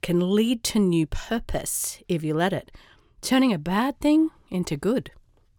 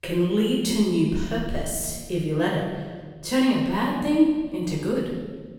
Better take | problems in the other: first | room echo; noticeable; dies away in 1.3 s // off-mic speech; far

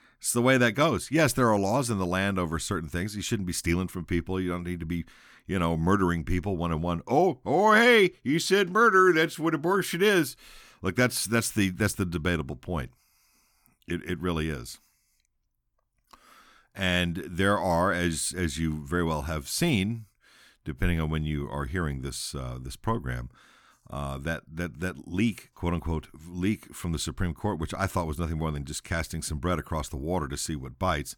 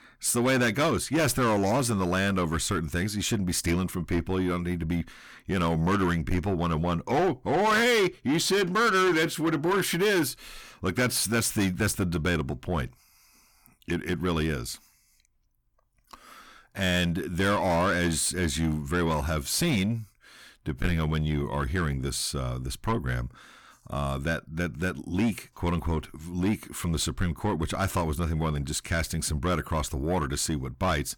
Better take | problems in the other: first | distortion; heavy; 8 dB below the speech

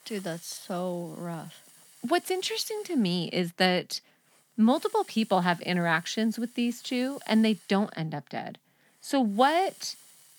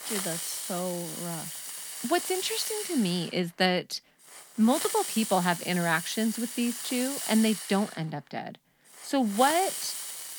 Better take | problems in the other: first | hiss; loud; throughout; 5 dB below the speech; faint in the first

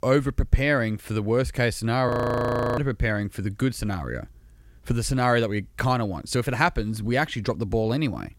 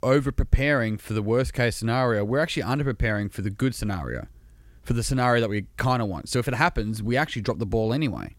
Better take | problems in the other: second | audio freezing; at 2 s for 0.5 s

